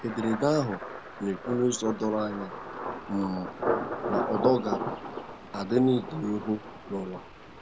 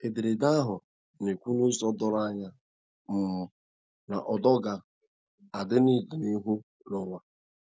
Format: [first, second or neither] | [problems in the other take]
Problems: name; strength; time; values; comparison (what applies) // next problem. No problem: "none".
second | background sound (Thunder); 5 dB below the speech